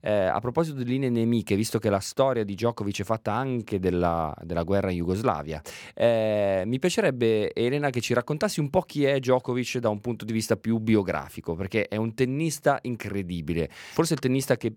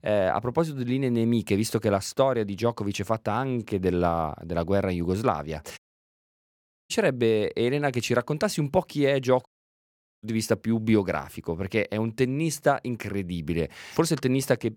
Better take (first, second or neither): first